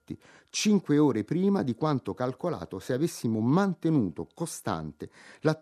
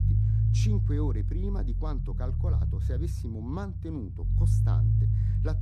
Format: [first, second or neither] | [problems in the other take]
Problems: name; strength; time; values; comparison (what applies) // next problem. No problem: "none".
first | low rumble; loud; throughout; as loud as the speech